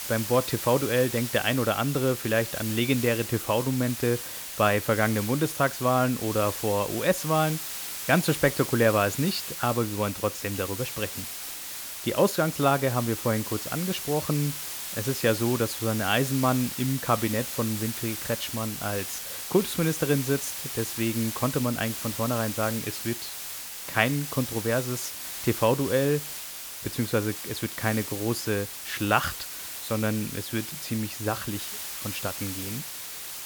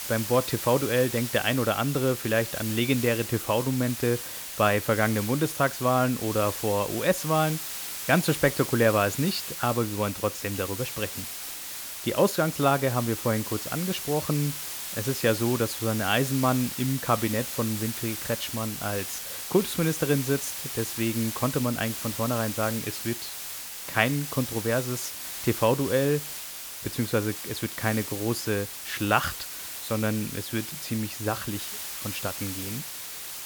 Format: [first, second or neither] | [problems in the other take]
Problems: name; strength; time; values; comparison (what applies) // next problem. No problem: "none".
neither | hiss; loud; throughout; 6 dB below the speech; the same in both